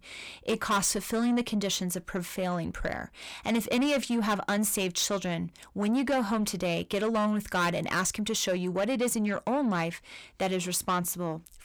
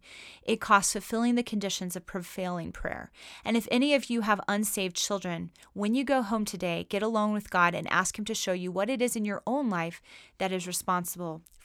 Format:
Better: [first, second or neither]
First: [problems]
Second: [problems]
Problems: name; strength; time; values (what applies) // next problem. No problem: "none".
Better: second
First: distortion; heavy; 8 dB below the speech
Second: none